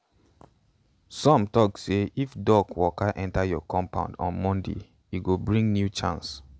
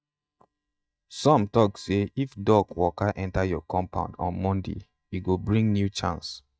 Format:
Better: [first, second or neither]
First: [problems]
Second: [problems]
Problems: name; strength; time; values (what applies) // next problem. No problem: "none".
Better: first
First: none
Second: noise reduction (neural mask model DeepFilterNet 3)